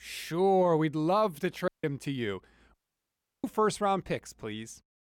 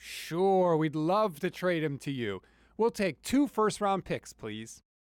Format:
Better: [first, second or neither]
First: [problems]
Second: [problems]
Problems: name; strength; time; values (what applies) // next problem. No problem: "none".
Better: second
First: audio cutting out; at 1.5 s and at 2.5 s for 0.5 s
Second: none